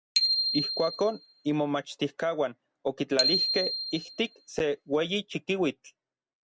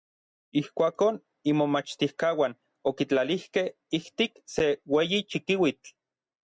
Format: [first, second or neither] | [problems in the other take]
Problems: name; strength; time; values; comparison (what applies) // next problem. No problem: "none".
second | background sound (Bicycle bell); 2 dB below the speech